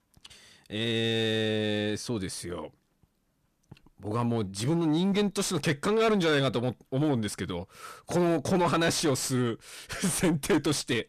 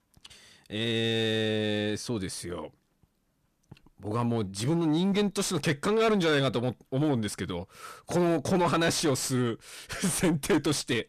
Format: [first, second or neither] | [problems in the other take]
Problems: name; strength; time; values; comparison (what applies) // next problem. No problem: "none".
neither | distortion; heavy; 6 dB below the speech; the same in both